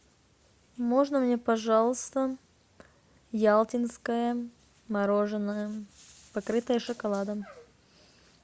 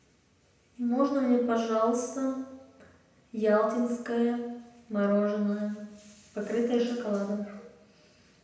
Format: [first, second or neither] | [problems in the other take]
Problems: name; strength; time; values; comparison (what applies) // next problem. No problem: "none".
first | room echo; dies away in 0.8 s